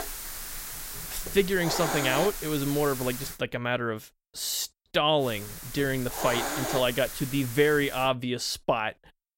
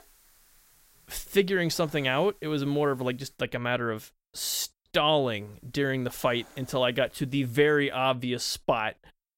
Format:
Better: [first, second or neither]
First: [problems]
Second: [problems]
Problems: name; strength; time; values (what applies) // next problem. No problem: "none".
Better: second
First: hiss; loud; until 3.5 s and from 5 to 8 s; 6 dB below the speech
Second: hiss; faint; until 3.5 s and from 5 to 8 s; 30 dB below the speech